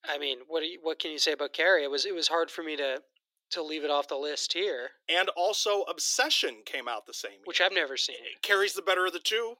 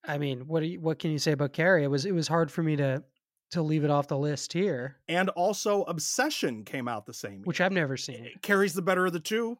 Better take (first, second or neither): second